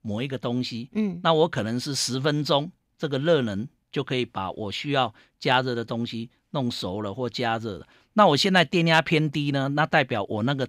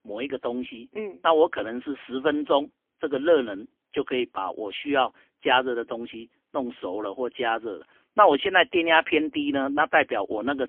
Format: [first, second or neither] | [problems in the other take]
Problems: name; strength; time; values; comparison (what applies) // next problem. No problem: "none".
first | phone-call audio; poor line; nothing above 3.5 kHz